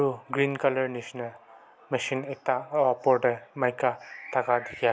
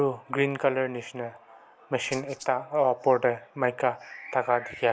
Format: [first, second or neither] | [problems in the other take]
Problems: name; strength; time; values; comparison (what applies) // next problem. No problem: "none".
first | background sound (Rattle (instrument)); 18 dB below the speech